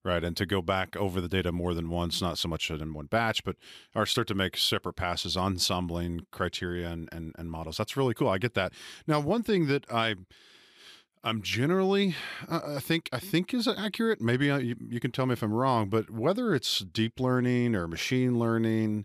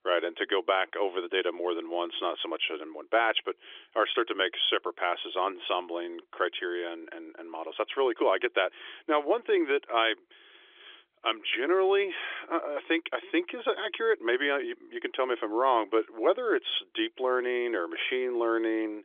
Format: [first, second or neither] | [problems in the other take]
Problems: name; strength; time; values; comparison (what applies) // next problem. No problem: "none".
first | phone-call audio; nothing above 3.5 kHz